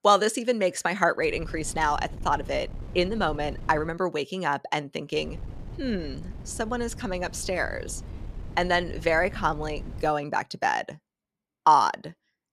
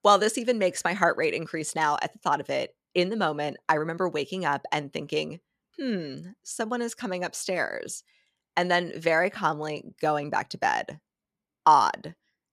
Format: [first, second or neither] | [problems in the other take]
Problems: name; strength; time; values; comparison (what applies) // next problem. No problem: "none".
second | wind noise on the microphone; occasional gusts; from 1.5 to 4 s and from 5 to 10 s; 25 dB below the speech